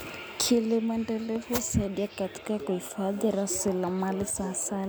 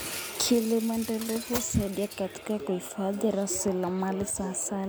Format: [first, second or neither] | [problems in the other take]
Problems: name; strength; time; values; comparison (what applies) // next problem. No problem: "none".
first | background sound (Shatter); 15 dB below the speech